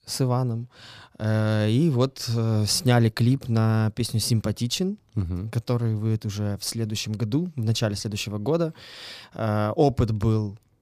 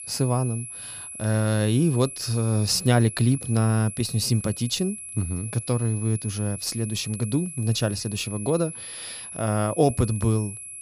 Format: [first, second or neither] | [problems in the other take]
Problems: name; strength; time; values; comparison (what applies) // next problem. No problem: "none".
first | high-pitched whine; noticeable; throughout; 11 kHz, 10 dB below the speech